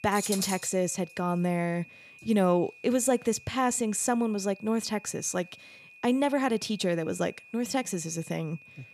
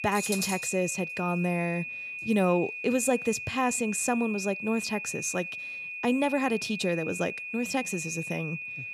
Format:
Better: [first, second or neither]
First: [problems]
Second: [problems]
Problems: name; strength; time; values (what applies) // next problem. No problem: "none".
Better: first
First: high-pitched whine; faint; throughout; 2.5 kHz, 20 dB below the speech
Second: high-pitched whine; loud; throughout; 2.5 kHz, 6 dB below the speech